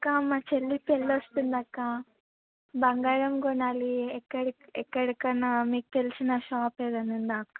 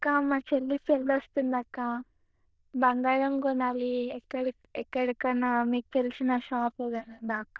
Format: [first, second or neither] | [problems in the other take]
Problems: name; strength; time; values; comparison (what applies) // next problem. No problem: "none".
first | noise reduction (neural diffusion model UNIVERSE++)